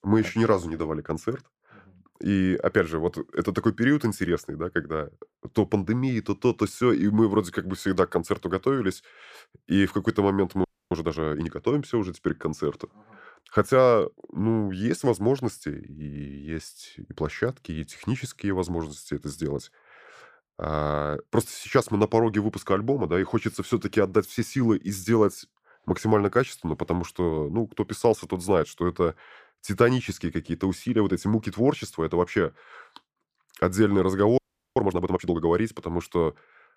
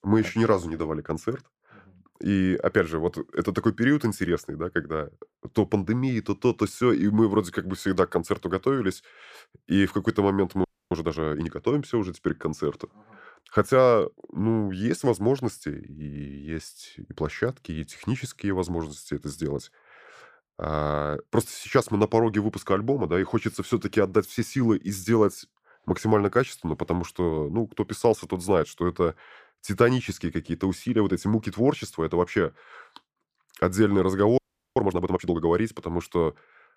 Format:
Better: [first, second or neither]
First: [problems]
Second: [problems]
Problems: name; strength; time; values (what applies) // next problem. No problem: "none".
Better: neither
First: audio freezing; at 11 s and at 34 s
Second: audio freezing; at 11 s and at 34 s